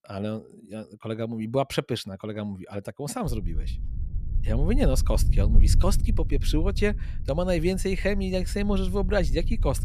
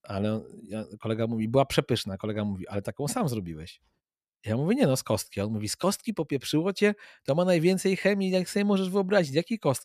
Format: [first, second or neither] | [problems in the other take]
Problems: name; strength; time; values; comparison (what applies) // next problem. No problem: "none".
second | low rumble; noticeable; from 3.5 s on; 15 dB below the speech